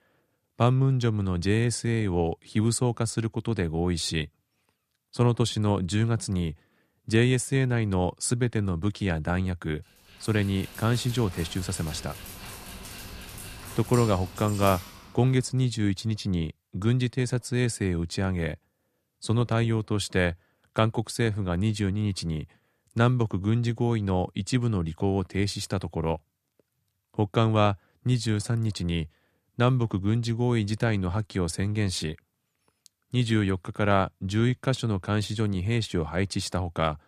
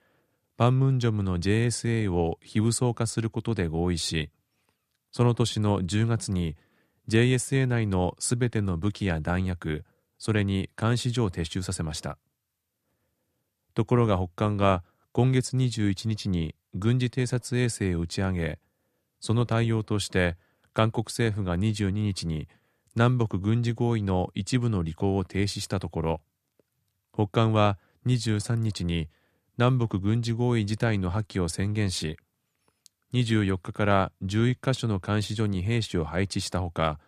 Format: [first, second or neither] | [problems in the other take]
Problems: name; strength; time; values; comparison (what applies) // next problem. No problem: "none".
second | dog barking; faint; from 10 to 16 s; peak 10 dB below the speech